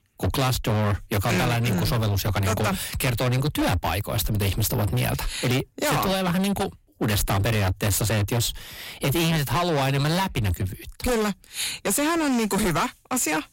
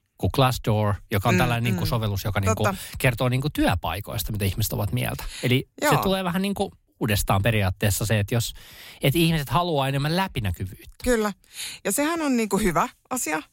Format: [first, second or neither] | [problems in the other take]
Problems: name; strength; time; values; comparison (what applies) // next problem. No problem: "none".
second | distortion; heavy; 31% of the sound clipped